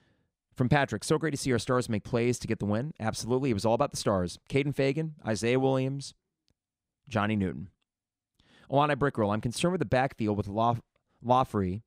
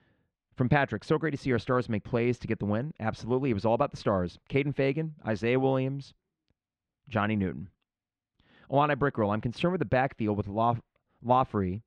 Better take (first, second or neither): first